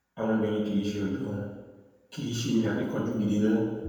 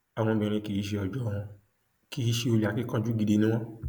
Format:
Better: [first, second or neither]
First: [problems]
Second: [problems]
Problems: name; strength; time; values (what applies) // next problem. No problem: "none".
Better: second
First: room echo; dies away in 1.1 s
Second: none